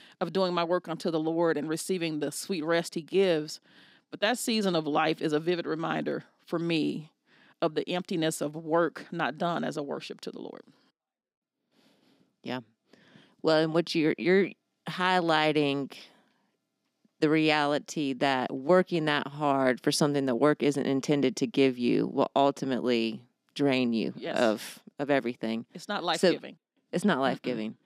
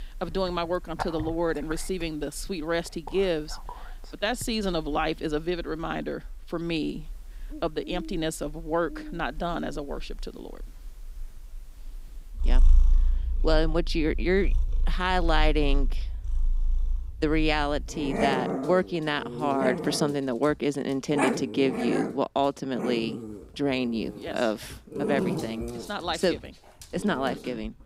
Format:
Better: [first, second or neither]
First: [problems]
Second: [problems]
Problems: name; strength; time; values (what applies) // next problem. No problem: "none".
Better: first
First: none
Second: animal sounds; loud; throughout; 4 dB below the speech